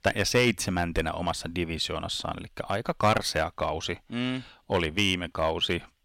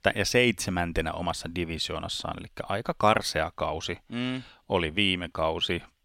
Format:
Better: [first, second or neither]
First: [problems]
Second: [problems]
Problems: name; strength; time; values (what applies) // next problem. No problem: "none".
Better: second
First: distortion; slight; 1.3% of the sound clipped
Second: none